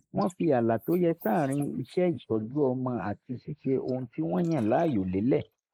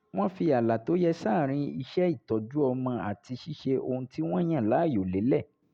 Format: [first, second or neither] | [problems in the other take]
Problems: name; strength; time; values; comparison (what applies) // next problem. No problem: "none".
second | noise reduction (neural mask model Resemble Enhance denoiser)